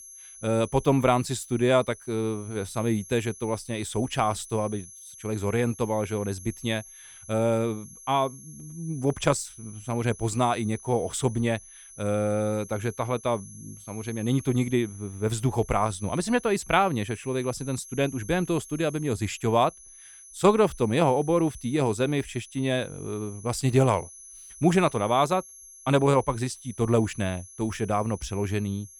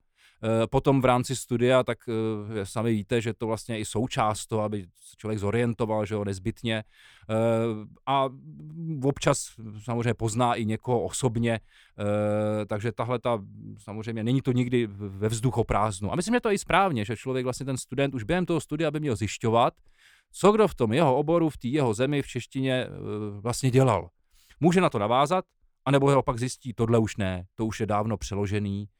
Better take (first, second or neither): second